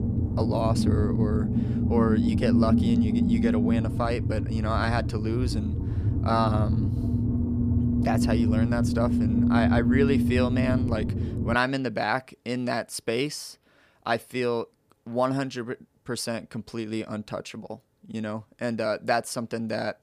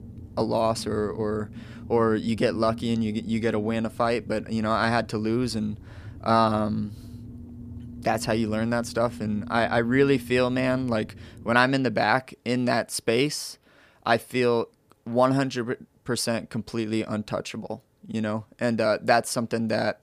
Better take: second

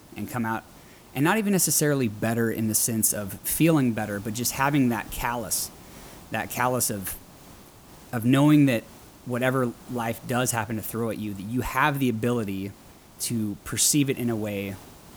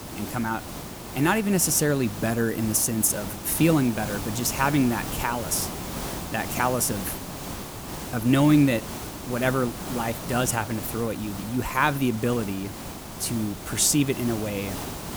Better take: first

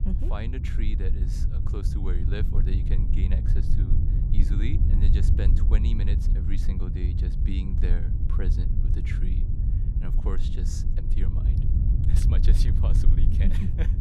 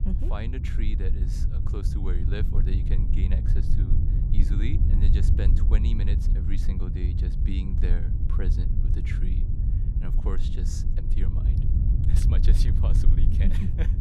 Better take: neither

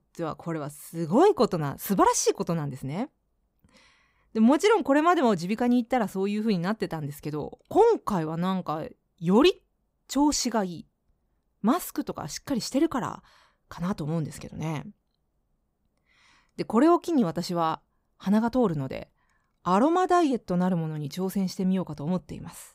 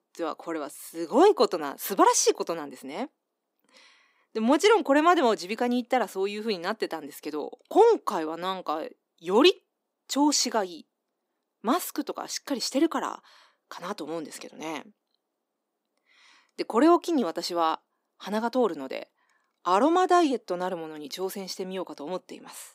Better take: first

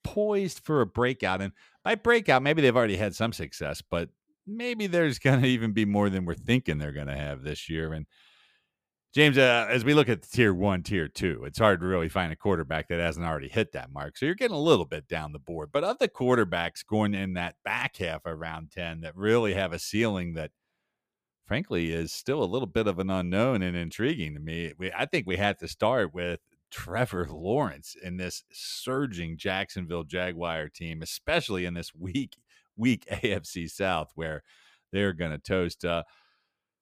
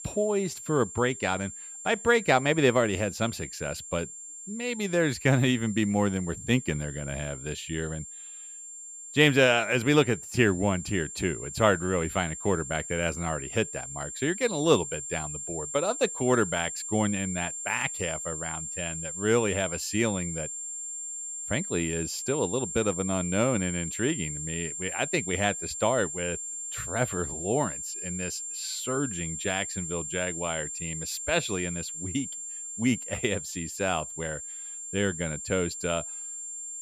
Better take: first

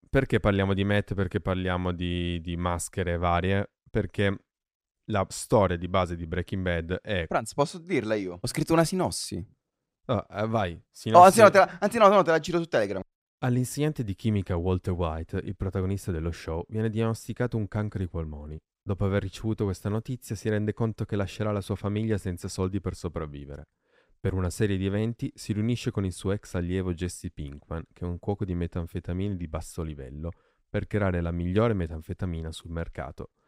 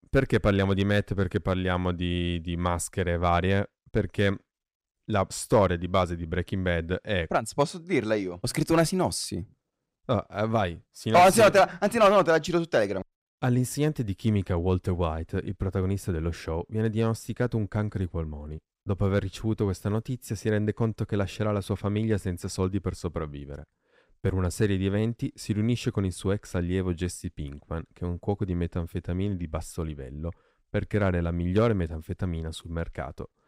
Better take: first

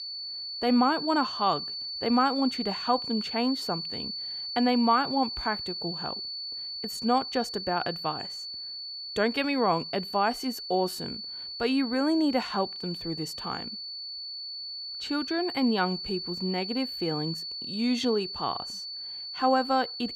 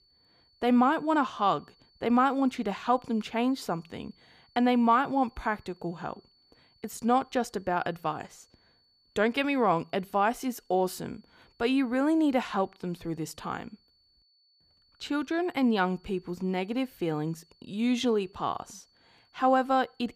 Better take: second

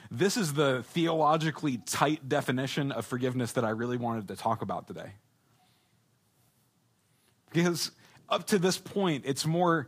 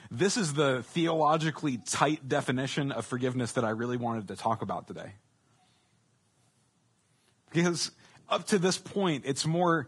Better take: first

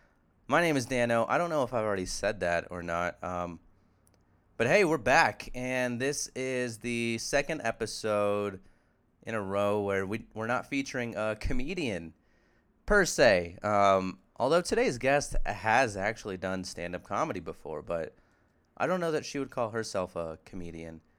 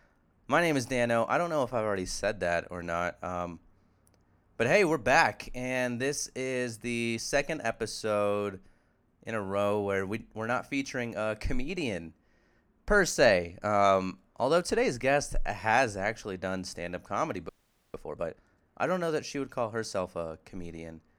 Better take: first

